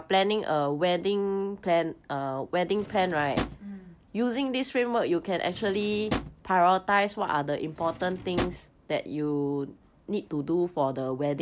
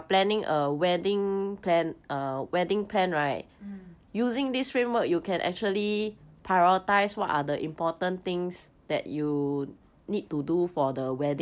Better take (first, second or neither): second